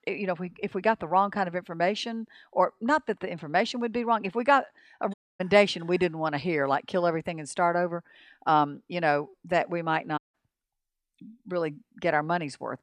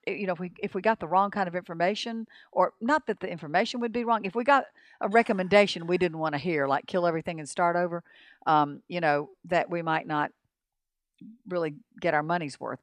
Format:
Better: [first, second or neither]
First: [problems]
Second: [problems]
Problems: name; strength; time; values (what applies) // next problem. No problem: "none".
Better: second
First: audio cutting out; at 5 s and at 10 s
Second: none